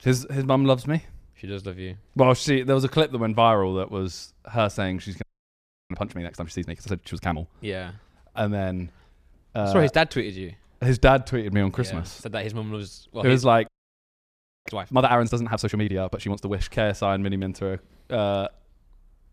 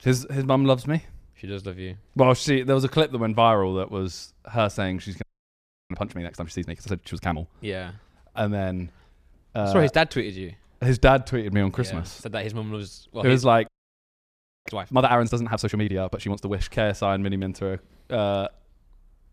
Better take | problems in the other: neither | audio freezing; at 5 s for 0.5 s and at 14 s for 1 s; the same in both

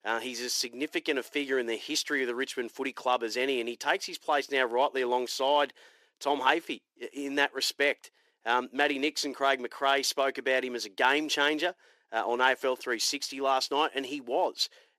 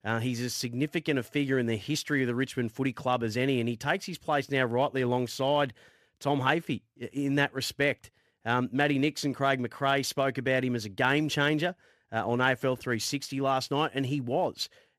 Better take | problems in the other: second | thin; somewhat; fading below 350 Hz

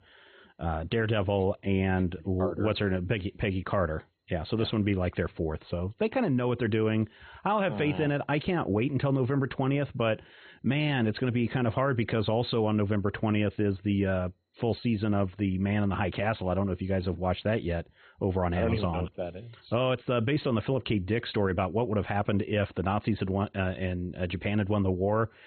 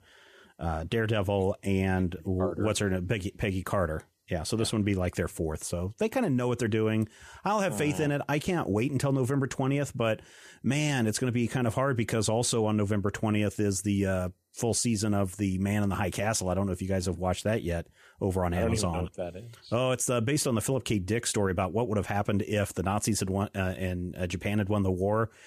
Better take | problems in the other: second | garbled, watery; badly; nothing above 4 kHz

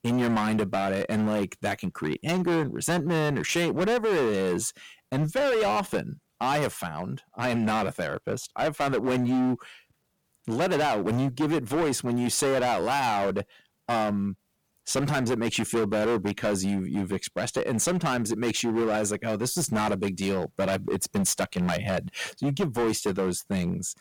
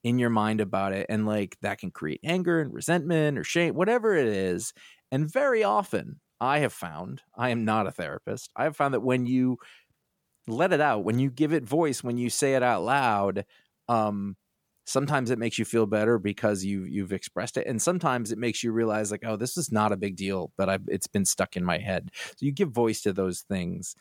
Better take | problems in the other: second | distortion; heavy; 17% of the sound clipped

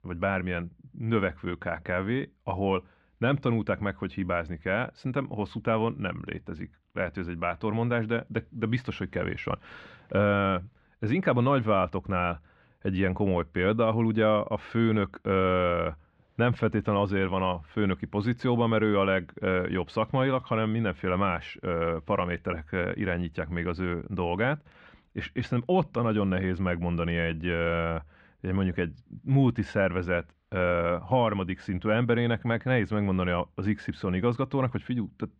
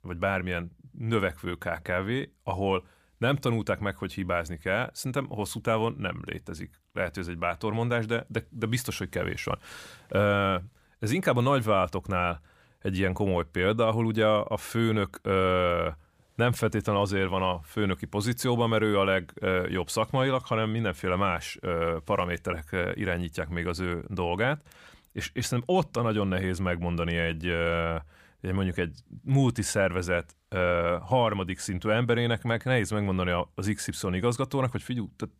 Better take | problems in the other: second | muffled; very; fading above 3 kHz

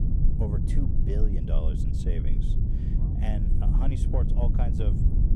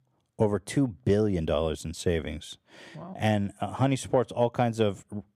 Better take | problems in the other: second | low rumble; loud; throughout; as loud as the speech

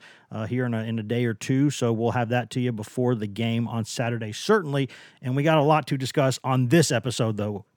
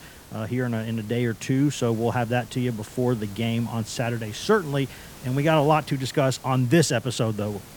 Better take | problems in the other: first | hiss; noticeable; throughout; 20 dB below the speech

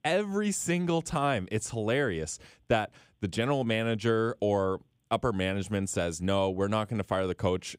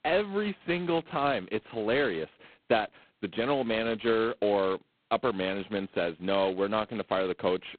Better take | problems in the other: first | phone-call audio; poor line; nothing above 4 kHz

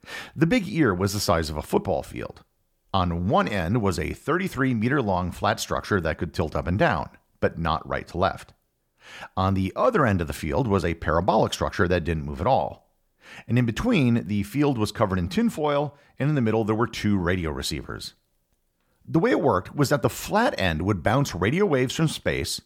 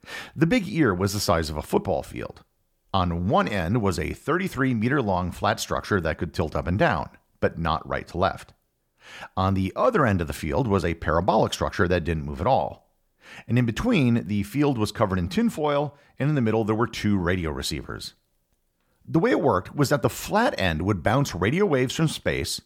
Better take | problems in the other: neither | none

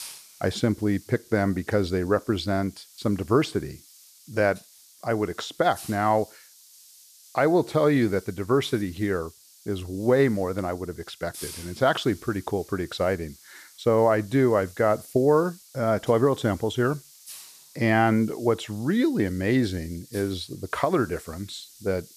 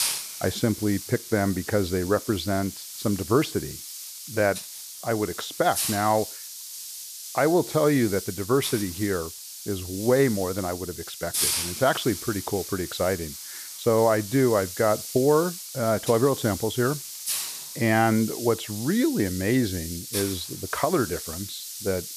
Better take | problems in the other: first | hiss; loud; throughout; 7 dB below the speech; faint in the first

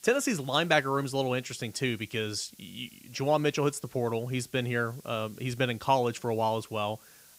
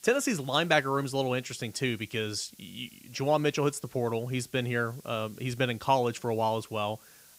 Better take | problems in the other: neither | hiss; faint; throughout; 25 dB below the speech; the same in both

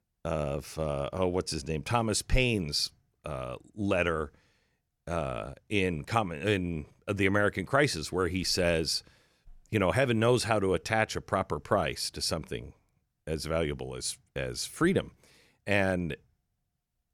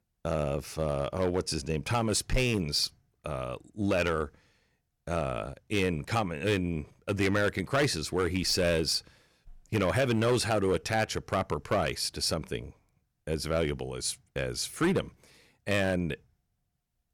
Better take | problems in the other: first | distortion; slight; 4% of the sound clipped

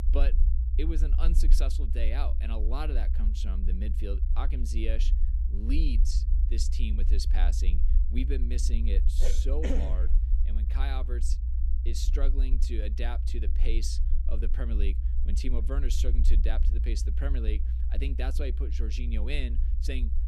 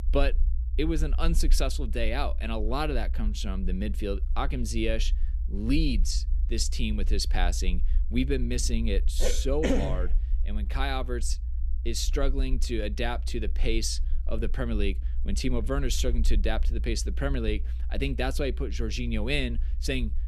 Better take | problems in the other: second | low rumble; loud; throughout; 9 dB below the speech; faint in the second

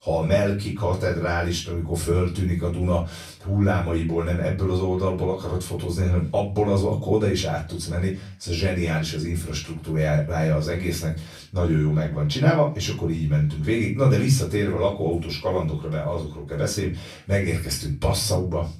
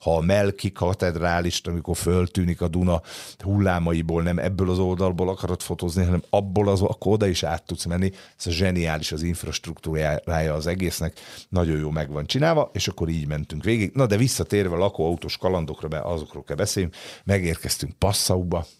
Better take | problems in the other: second | off-mic speech; far // room echo; slight; dies away in 0.3 s

